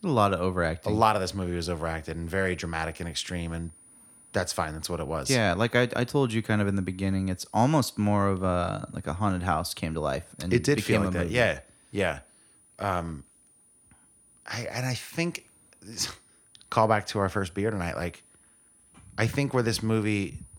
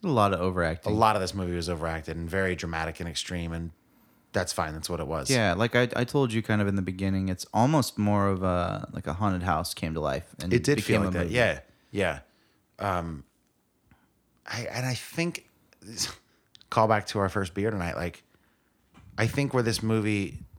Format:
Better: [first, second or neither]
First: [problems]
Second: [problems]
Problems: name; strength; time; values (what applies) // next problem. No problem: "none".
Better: second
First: high-pitched whine; faint; throughout; 9.5 kHz, 25 dB below the speech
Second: none